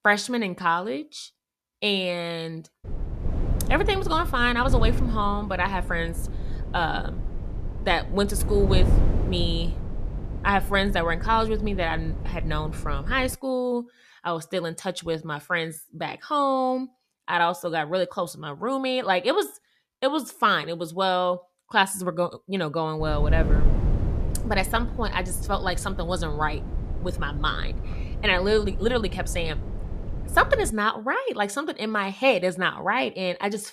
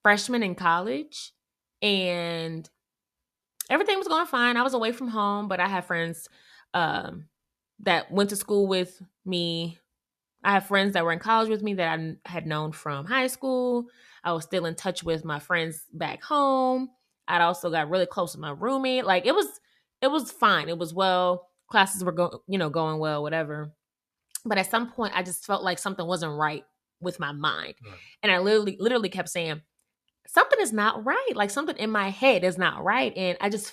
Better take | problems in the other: second | wind noise on the microphone; occasional gusts; from 3 to 13 s and from 23 to 31 s; 15 dB below the speech

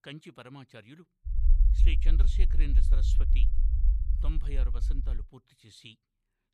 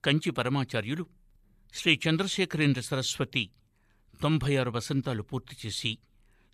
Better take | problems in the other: second | low rumble; loud; from 1.5 to 5 s; 5 dB below the speech

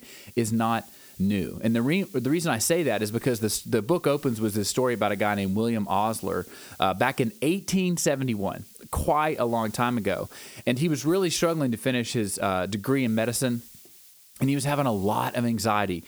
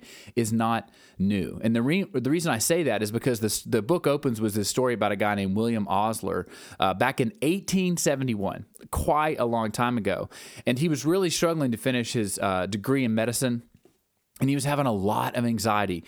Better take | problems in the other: second | hiss; faint; throughout; 20 dB below the speech

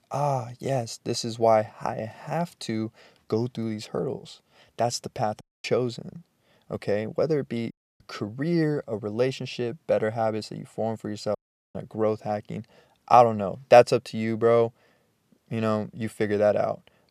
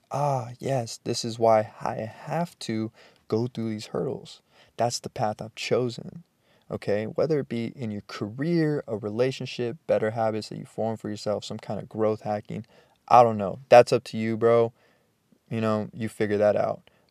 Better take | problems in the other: second | audio cutting out; at 5.5 s, at 7.5 s and at 11 s

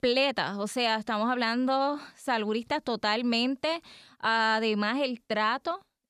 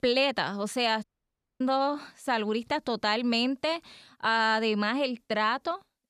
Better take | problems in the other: first | audio cutting out; at 1 s for 0.5 s

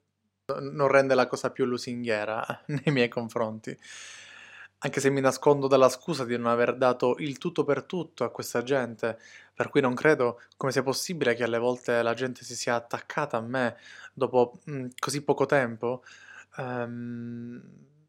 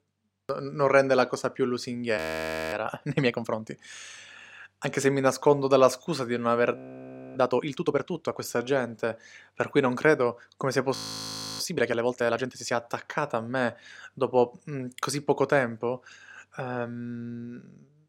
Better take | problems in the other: first | audio freezing; at 2 s for 0.5 s, at 7 s for 0.5 s and at 11 s for 0.5 s

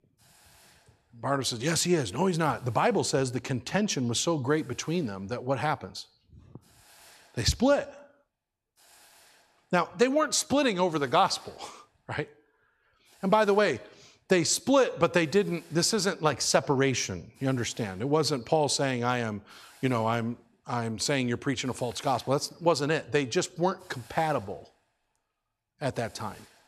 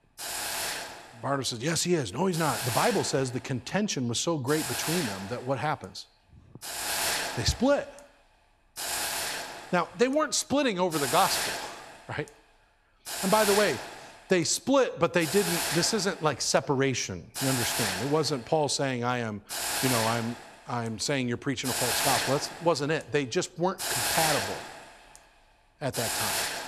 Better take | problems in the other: first | hiss; loud; throughout; 2 dB below the speech; faint in the first

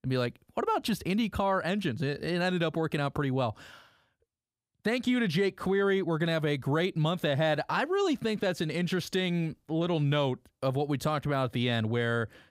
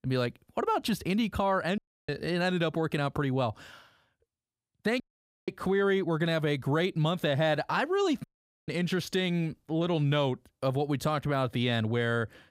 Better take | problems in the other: first | audio cutting out; at 2 s, at 5 s and at 8 s

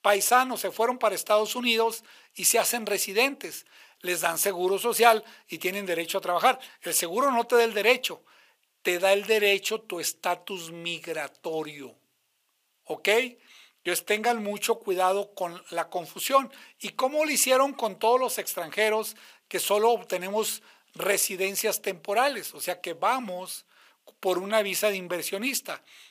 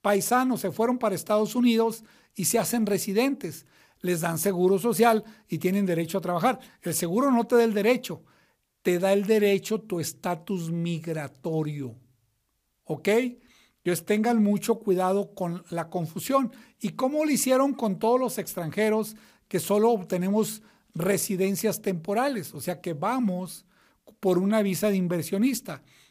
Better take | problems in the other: second | thin; somewhat; fading below 550 Hz

